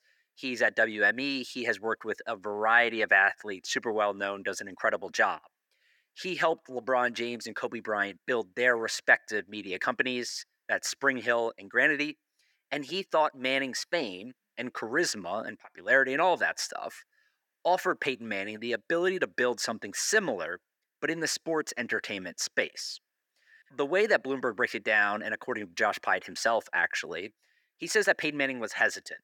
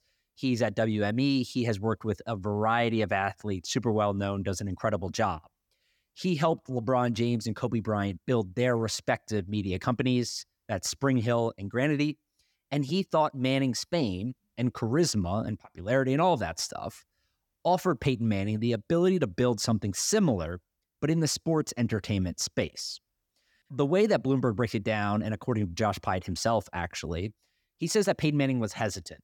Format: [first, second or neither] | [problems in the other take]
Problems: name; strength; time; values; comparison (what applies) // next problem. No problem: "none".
second | thin; somewhat; fading below 450 Hz